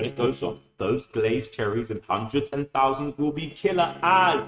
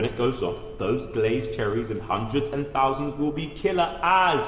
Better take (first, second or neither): second